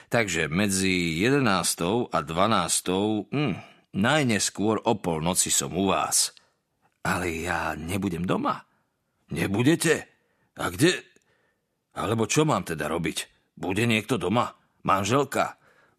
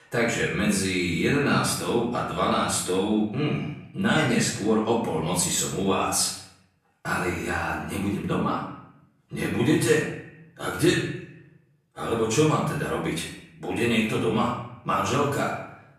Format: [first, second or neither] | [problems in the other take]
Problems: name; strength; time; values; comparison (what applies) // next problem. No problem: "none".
first | off-mic speech; far // room echo; noticeable; dies away in 0.7 s